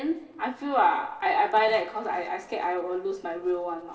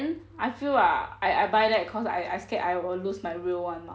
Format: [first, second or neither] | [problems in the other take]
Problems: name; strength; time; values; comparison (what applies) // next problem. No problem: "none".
second | noise reduction (neural separator model SepFormer DNS4)